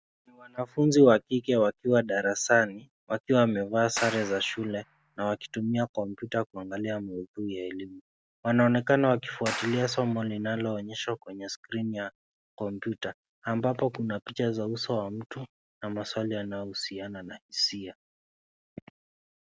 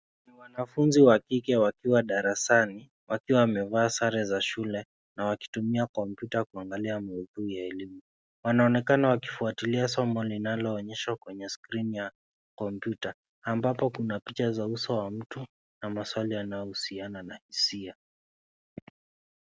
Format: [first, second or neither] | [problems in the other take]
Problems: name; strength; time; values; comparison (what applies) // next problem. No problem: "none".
second | background sound (Clapping); 12 dB below the speech